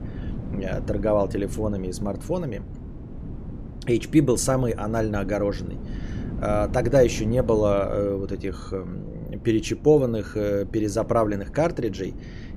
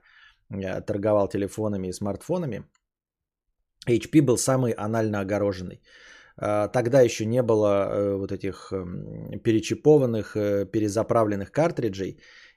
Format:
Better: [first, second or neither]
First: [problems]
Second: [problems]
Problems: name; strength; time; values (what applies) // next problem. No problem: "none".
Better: second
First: wind noise on the microphone; occasional gusts; 20 dB below the speech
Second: none